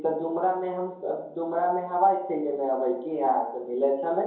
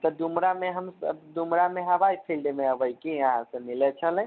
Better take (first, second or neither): second